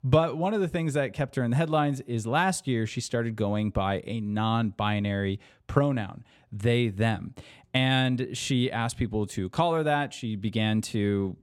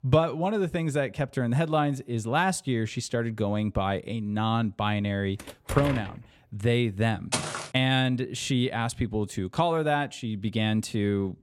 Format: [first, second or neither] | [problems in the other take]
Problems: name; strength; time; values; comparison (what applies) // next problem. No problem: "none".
first | door banging; noticeable; at 5.5 s; peak 6 dB below the speech // footsteps; noticeable; at 7.5 s; peak 2 dB below the speech